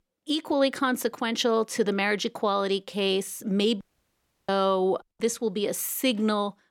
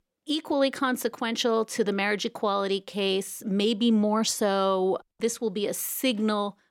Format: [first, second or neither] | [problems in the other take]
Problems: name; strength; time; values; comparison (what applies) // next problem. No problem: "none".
second | audio cutting out; at 4 s for 0.5 s